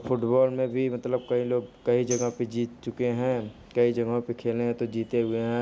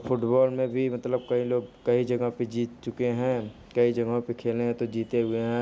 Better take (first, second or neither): second